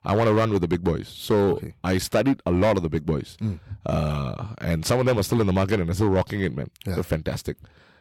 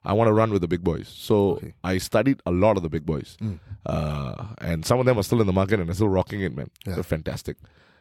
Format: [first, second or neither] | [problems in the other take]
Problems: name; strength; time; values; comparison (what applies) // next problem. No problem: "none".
second | distortion; slight; 6% of the sound clipped